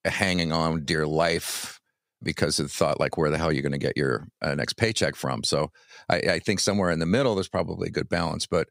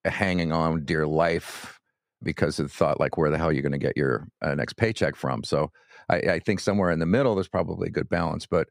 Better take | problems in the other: first | muffled; slightly; fading above 3 kHz

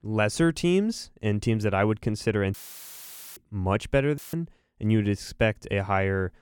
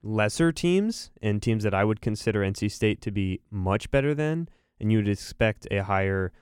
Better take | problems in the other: second | audio cutting out; filled with static; at 2.5 s for 1 s and at 4 s

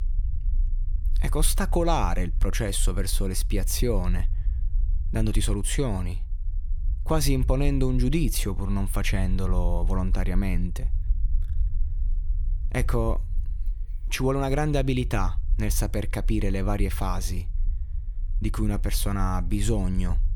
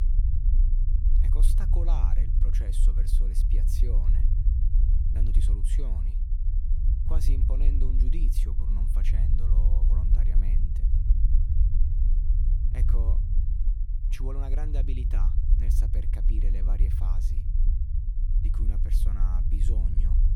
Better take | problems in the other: first | low rumble; loud; throughout; 1 dB below the speech; faint in the first

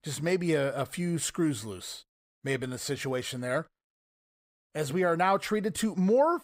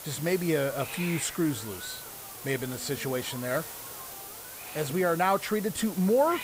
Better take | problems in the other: first | hiss; loud; throughout; 10 dB below the speech

